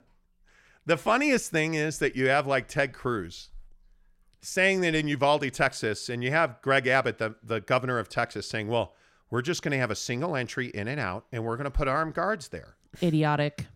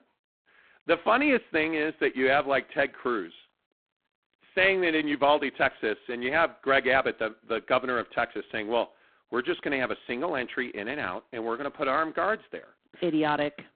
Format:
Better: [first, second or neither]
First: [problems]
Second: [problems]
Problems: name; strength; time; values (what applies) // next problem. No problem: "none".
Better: first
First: none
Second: phone-call audio; poor line; nothing above 4 kHz